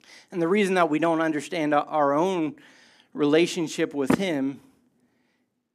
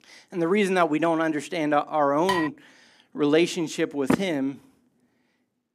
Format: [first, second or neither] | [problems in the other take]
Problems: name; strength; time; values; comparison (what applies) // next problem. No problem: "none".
first | clattering dishes; noticeable; at 2.5 s; peak 5 dB below the speech